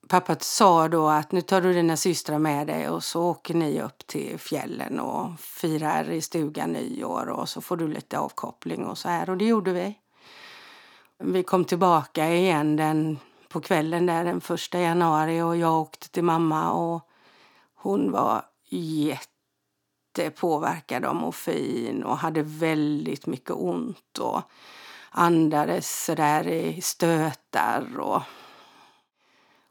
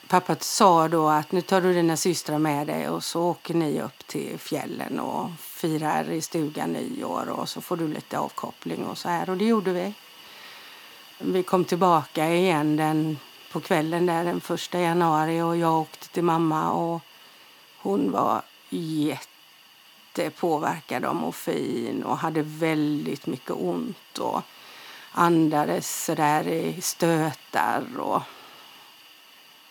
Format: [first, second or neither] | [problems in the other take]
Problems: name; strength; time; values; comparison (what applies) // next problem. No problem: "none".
first | hiss; faint; throughout; 20 dB below the speech